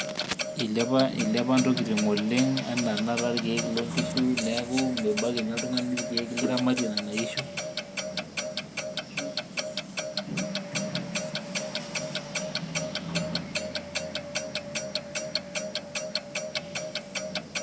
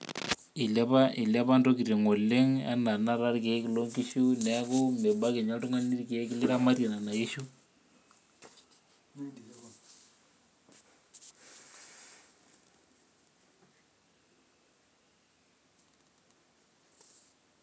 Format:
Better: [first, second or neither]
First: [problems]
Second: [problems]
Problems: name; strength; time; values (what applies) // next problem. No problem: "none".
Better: second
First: background sound (Clock); 2 dB below the speech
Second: none